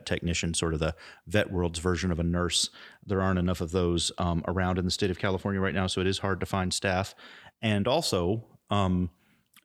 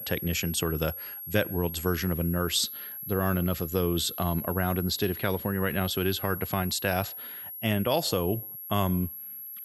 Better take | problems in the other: first | high-pitched whine; loud; throughout; 11.5 kHz, 8 dB below the speech

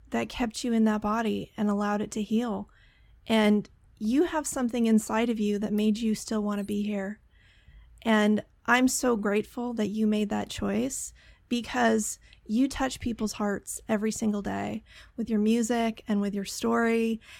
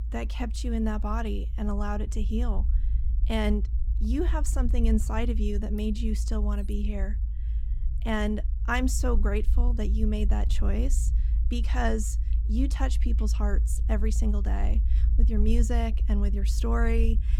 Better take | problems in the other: first | low rumble; noticeable; throughout; 15 dB below the speech

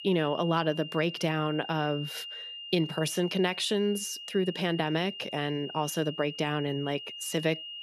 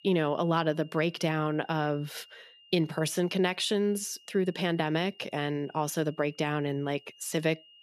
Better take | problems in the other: second | high-pitched whine; loud; throughout; 3 kHz, 10 dB below the speech; faint in the second

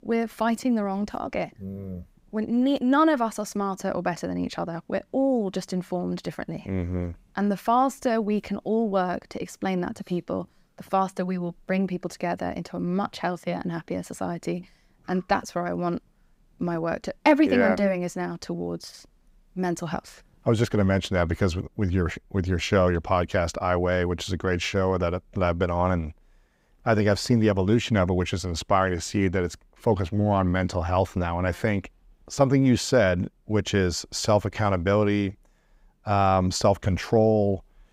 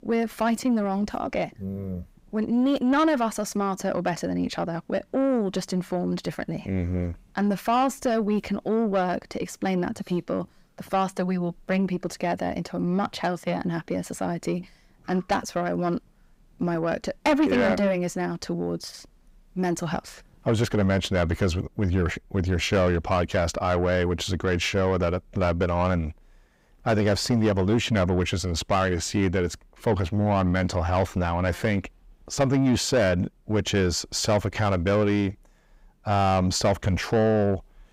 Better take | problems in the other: first | distortion; slight; 10 dB below the speech

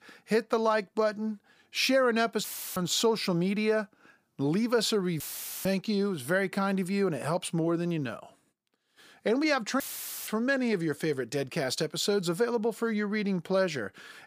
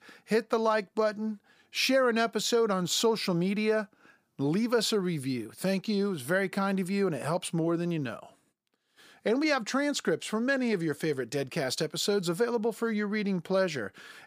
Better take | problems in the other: second | audio cutting out; filled with static; at 2.5 s, at 5 s and at 10 s

